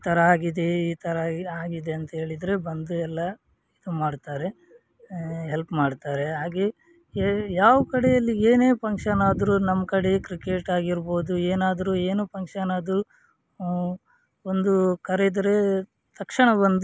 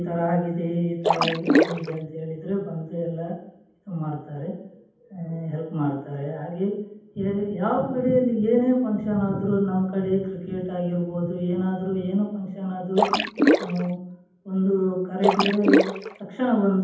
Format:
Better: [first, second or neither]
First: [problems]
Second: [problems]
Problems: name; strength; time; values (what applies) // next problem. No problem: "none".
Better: first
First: none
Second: background sound (Splash, splatter); 3 dB above the speech // room echo; dies away in 0.8 s